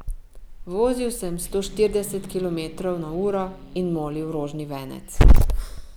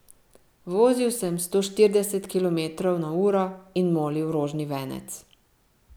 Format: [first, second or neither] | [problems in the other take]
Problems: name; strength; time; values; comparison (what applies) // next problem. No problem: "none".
second | background sound (Growling / Hiss); 5 dB above the speech